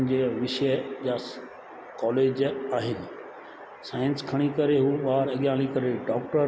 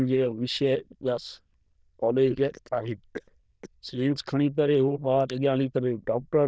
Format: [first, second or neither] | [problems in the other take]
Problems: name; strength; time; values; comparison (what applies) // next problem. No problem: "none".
first | noise reduction (neural diffusion model UNIVERSE++)